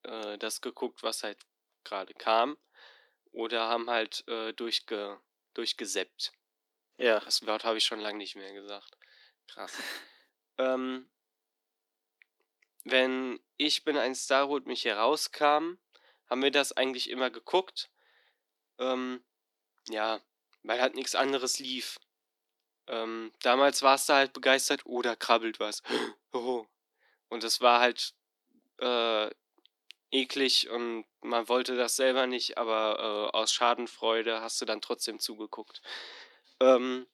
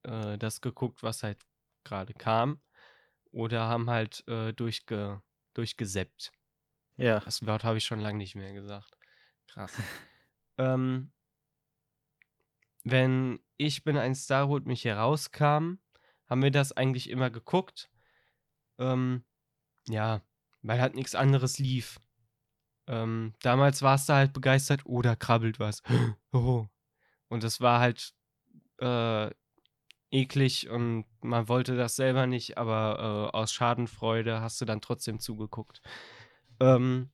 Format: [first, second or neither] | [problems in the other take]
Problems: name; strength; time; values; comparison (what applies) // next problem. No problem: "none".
second | thin; somewhat; fading below 300 Hz